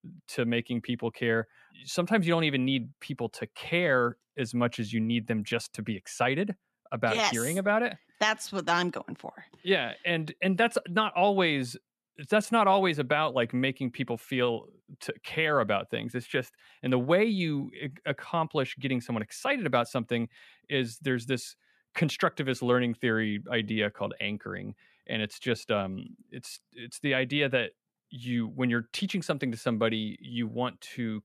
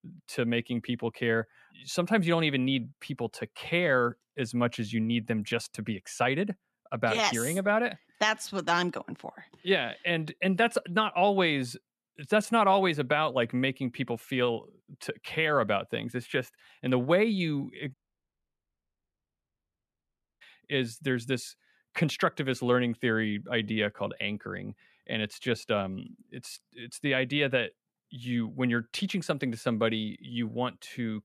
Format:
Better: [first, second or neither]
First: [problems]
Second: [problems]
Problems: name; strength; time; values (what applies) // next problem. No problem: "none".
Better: first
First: none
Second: audio cutting out; at 18 s for 2.5 s